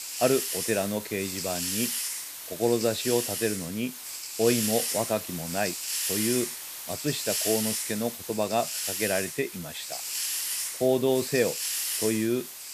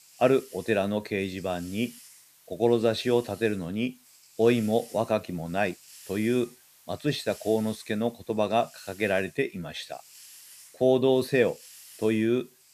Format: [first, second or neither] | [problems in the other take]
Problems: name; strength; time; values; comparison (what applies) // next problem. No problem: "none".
second | hiss; loud; throughout; 1 dB below the speech; faint in the second